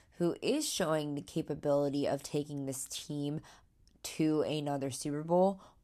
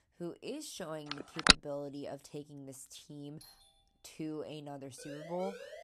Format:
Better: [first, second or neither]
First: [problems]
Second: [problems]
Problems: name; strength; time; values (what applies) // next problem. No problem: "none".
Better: first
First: none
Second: phone ringing; very faint; at 1.5 s; peak 20 dB above the speech // doorbell; faint; at 3.5 s; peak 15 dB below the speech // siren; noticeable; at 5 s; peak 3 dB below the speech